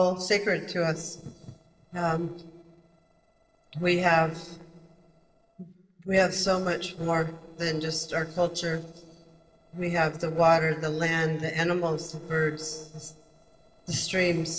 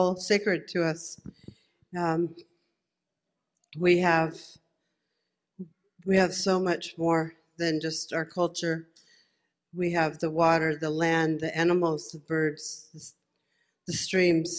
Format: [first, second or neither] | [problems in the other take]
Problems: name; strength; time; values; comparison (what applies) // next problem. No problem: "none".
second | noise reduction (neural separator model SepFormer DNS4)